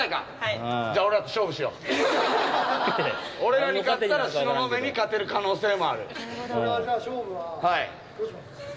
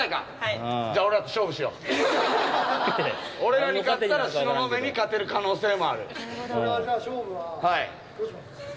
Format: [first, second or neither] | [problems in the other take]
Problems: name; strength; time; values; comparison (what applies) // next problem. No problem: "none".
second | background sound (Wind instrument, woodwind instrument); 17 dB below the speech